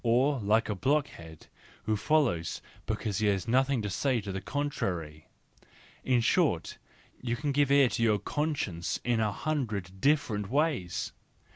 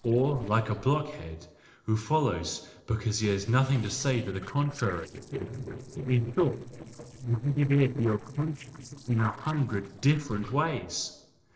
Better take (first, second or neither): first